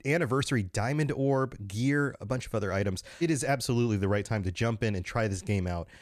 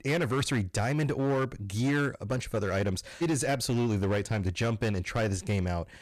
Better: first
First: none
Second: distortion; slight; 13% of the sound clipped

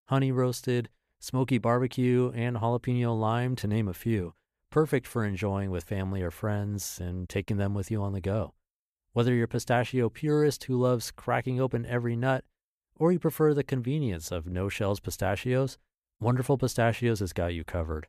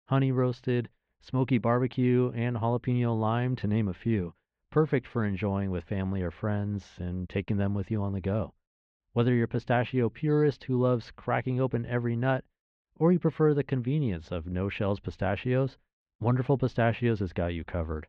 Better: first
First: none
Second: muffled; slightly; fading above 3.5 kHz

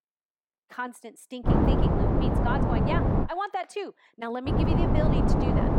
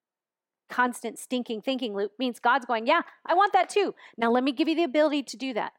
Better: second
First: wind noise on the microphone; faint; from 1.5 to 3 s and from 4.5 s on; 4 dB above the speech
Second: none

